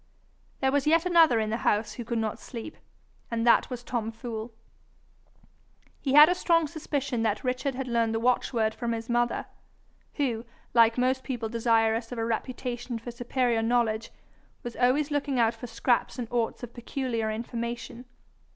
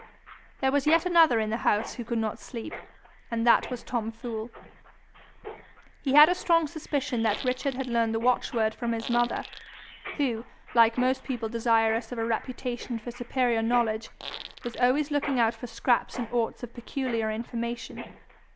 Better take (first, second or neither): first